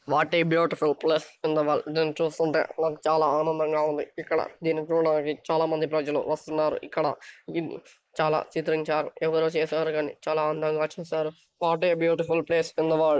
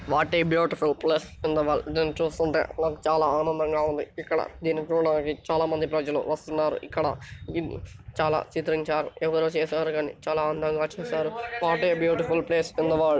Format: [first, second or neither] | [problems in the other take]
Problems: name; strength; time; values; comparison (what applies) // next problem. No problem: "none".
second | noise reduction (neural mask model Resemble Enhance denoiser)